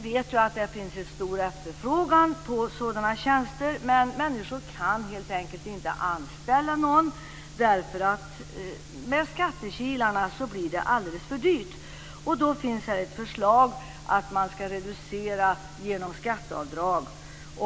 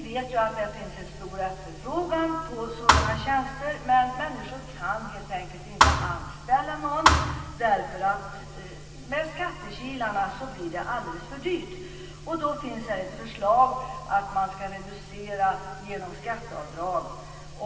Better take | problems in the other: first | background sound (Thump, thud); 4 dB above the speech // room echo; dies away in 2.1 s

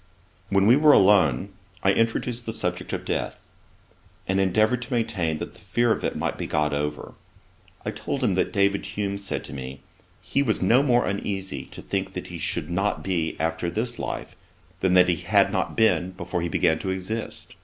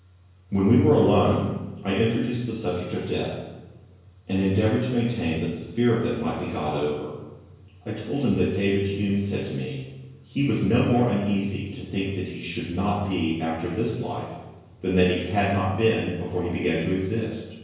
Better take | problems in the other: first | room echo; dies away in 1 s

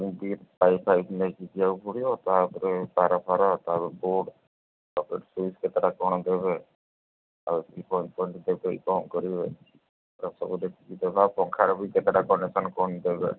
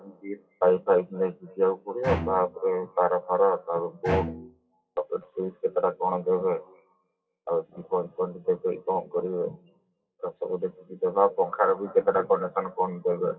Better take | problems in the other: first | noise reduction (classical method WPE with log-MMSE)

